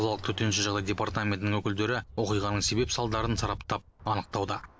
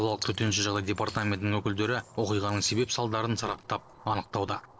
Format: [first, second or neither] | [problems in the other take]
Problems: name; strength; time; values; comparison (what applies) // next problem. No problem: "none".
first | noise reduction (neural separator model SepFormer DNS4)